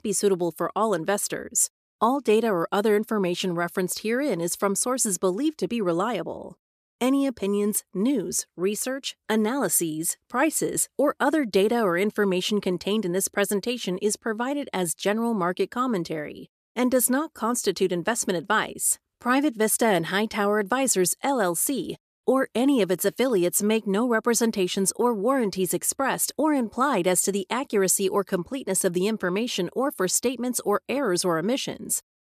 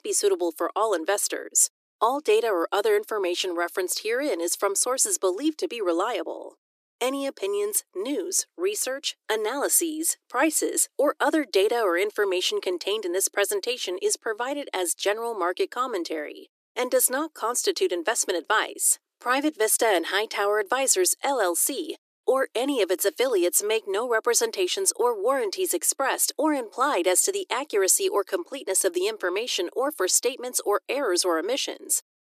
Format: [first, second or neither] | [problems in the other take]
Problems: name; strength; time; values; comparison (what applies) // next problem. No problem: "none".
first | thin; somewhat; fading below 300 Hz